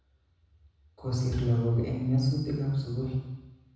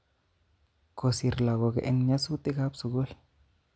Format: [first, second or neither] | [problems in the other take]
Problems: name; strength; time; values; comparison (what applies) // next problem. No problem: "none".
second | room echo; dies away in 1 s